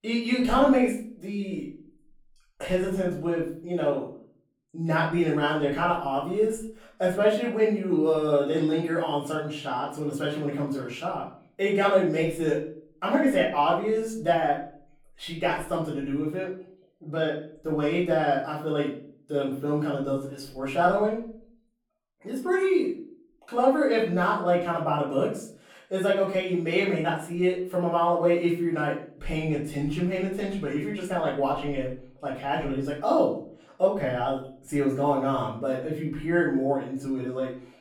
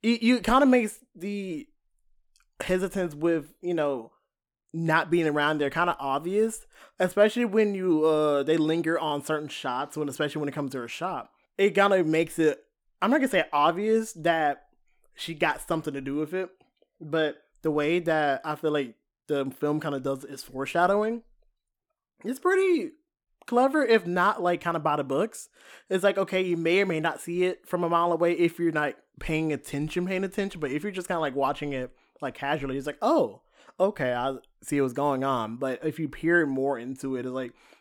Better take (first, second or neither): second